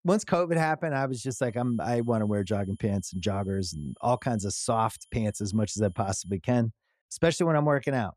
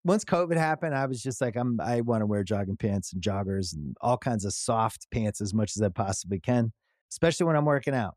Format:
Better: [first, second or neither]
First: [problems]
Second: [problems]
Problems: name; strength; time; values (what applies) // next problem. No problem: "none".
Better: second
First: high-pitched whine; faint; from 1 to 6.5 s; 3 kHz, 35 dB below the speech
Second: none